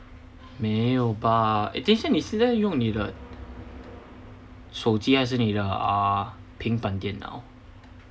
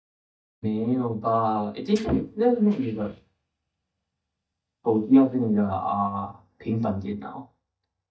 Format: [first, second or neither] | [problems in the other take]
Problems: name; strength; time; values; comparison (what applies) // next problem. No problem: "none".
first | noise reduction (neural mask model DeepFilterNet 3)